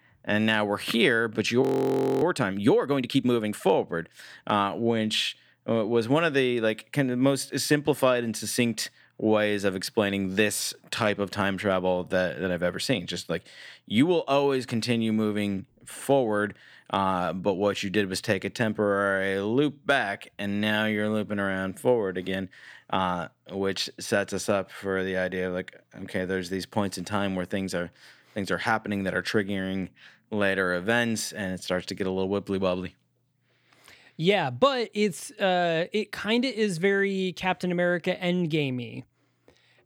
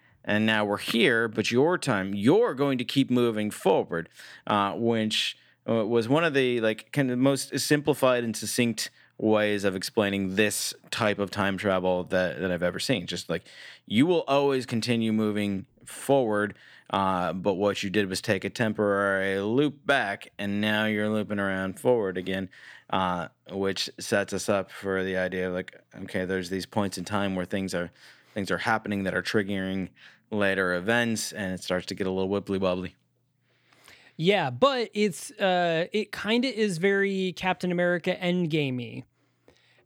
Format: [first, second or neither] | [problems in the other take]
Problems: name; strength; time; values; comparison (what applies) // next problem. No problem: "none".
second | audio freezing; at 1.5 s for 0.5 s